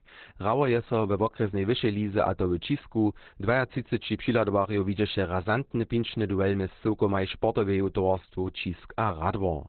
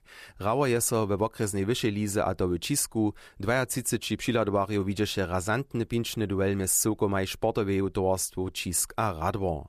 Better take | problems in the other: second | garbled, watery; badly; nothing above 4 kHz

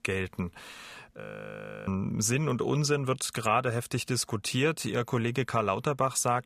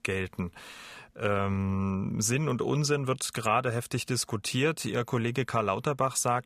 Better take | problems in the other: second | audio freezing; at 1 s for 0.5 s

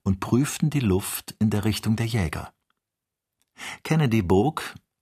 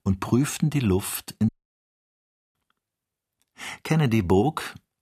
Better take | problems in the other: first | audio cutting out; at 1.5 s for 1 s

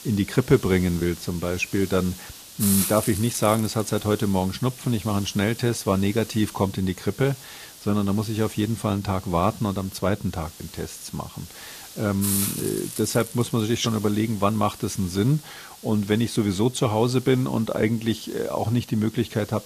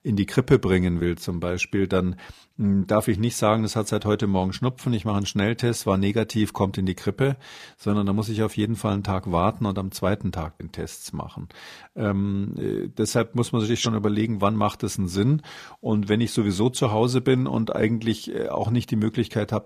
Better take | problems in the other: second | hiss; noticeable; throughout; 10 dB below the speech

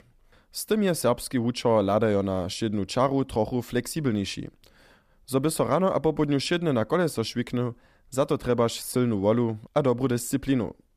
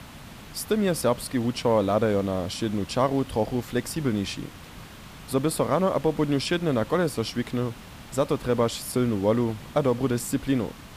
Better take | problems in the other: first | hiss; noticeable; throughout; 20 dB below the speech

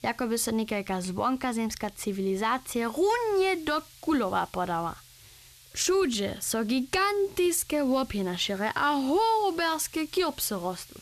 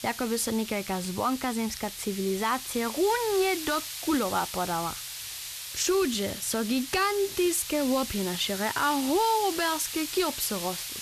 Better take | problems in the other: first | hiss; loud; throughout; 7 dB below the speech; faint in the first

